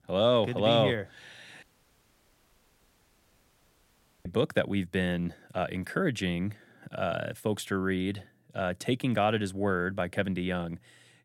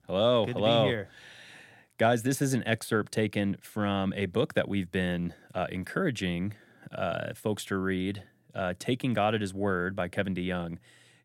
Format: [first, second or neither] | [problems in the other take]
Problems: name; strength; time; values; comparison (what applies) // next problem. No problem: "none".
second | audio cutting out; at 1.5 s for 2.5 s